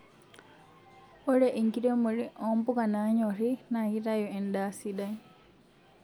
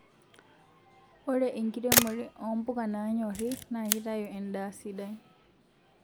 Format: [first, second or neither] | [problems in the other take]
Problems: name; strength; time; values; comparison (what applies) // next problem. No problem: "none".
first | background sound (Camera); 1 dB above the speech